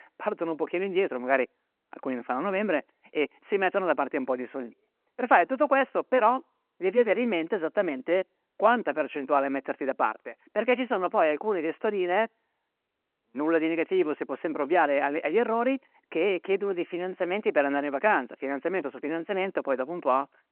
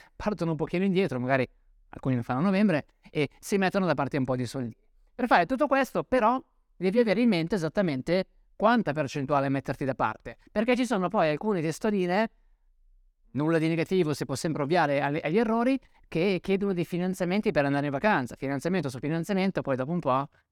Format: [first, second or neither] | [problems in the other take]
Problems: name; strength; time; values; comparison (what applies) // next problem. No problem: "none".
second | phone-call audio